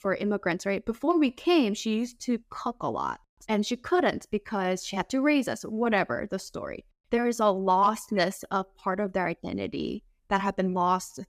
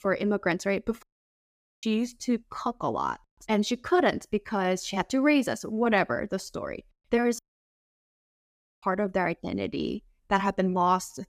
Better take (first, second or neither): first